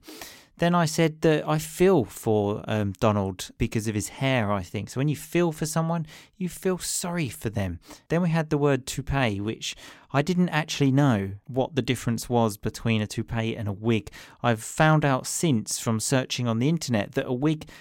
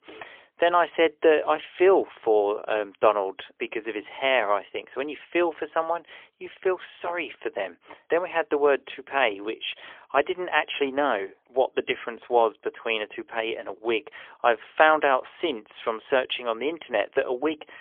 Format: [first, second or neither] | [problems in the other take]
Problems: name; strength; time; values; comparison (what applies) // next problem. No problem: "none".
first | phone-call audio; poor line; nothing above 3.5 kHz